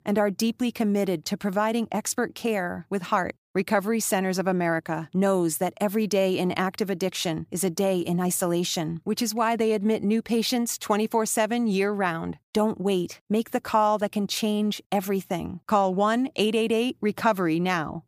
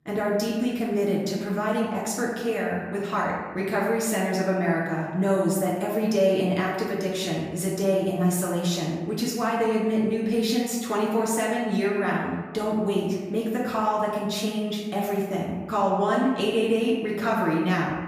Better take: first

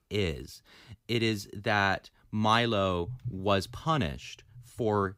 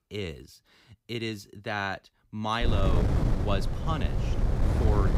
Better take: first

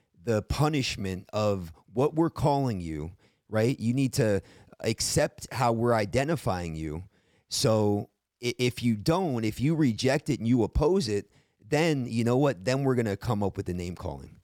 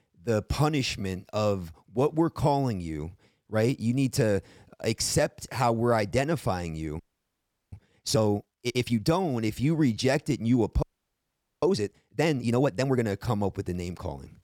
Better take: first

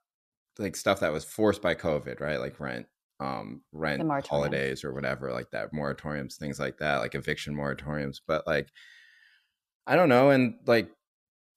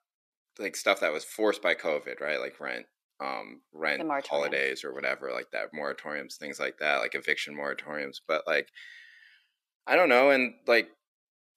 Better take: first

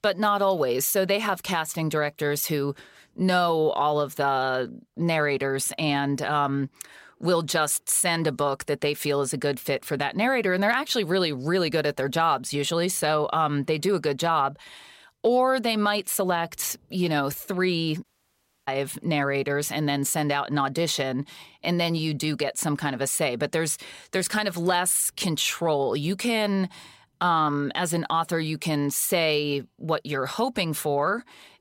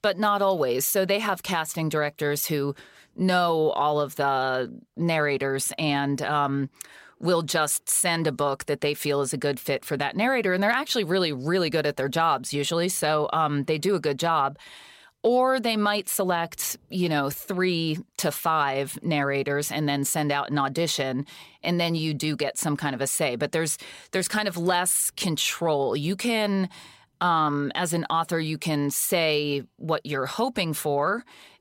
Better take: second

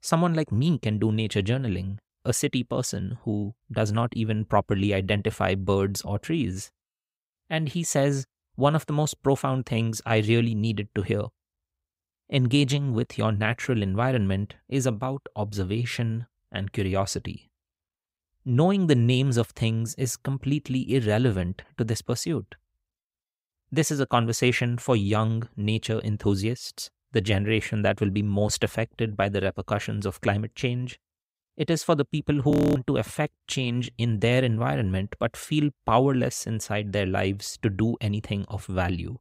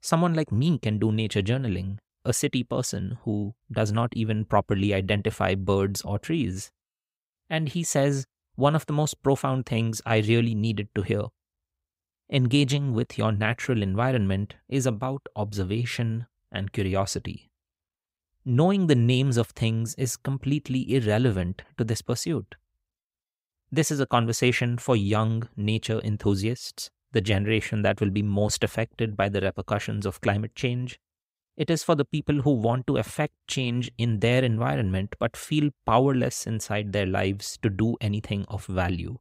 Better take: second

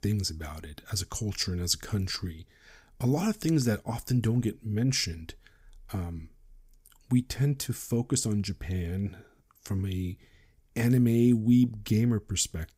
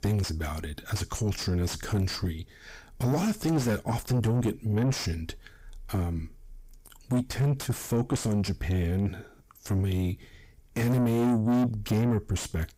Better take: first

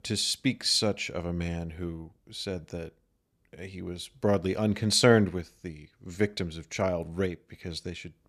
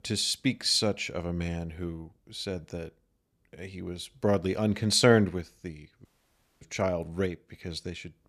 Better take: first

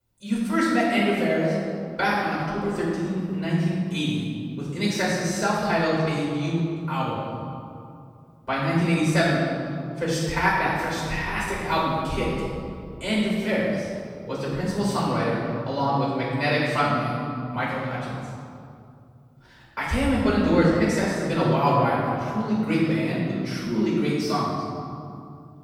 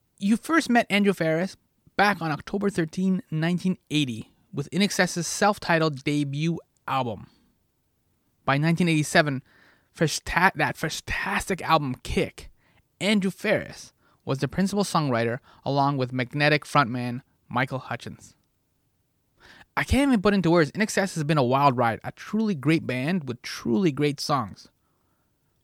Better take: second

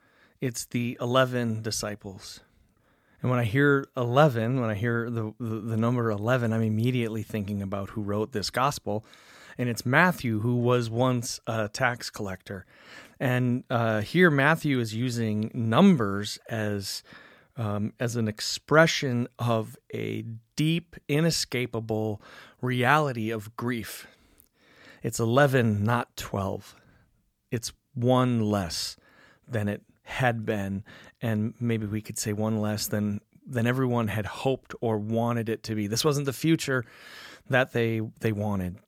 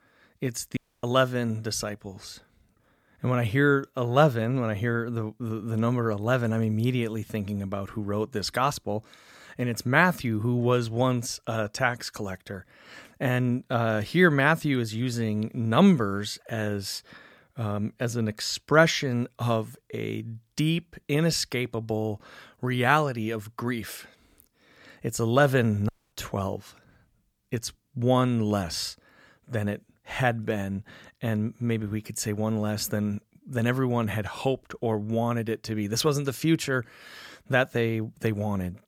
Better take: first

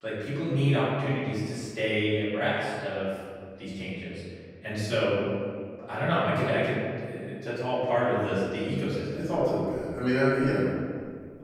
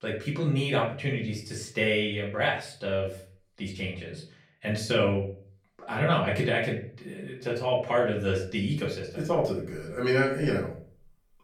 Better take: second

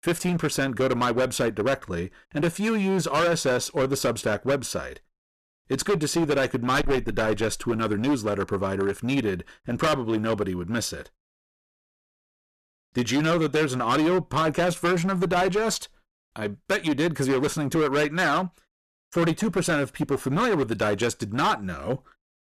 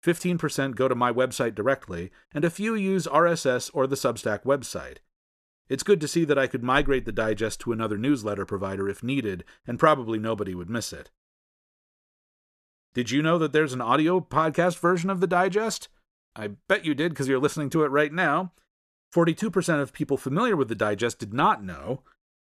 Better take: second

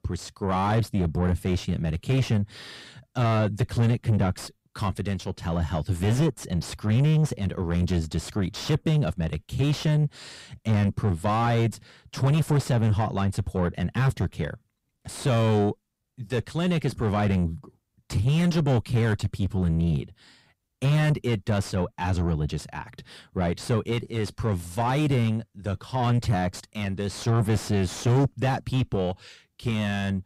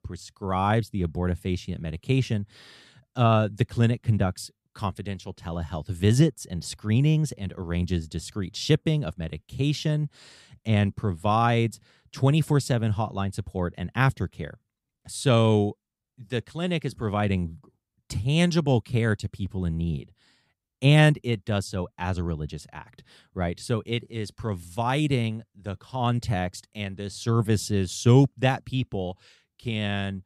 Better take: second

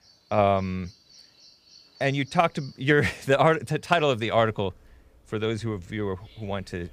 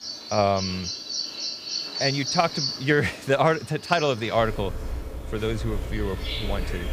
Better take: first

